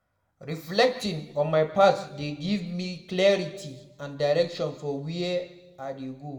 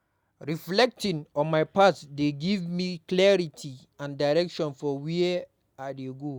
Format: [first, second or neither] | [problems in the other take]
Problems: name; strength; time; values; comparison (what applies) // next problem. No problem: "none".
second | room echo; dies away in 0.8 s